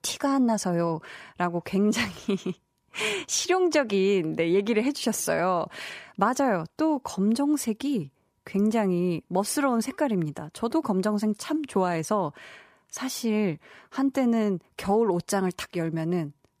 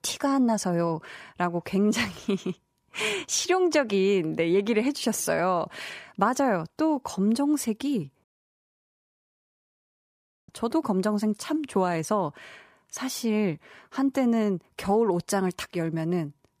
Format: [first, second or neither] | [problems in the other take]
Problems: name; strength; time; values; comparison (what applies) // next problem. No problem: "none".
first | audio cutting out; at 8 s for 2 s